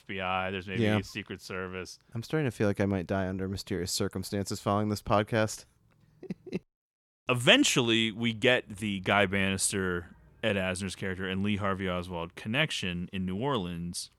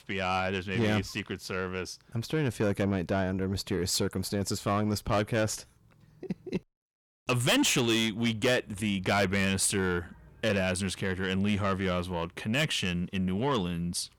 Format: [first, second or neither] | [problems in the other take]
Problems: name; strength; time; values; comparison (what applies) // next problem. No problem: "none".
first | distortion; heavy; 8 dB below the speech